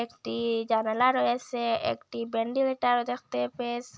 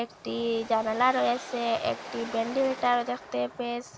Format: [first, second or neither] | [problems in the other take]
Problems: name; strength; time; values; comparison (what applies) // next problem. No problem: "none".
first | background sound (Train); 14 dB below the speech